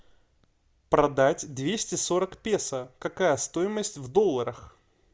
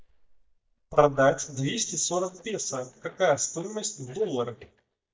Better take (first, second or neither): first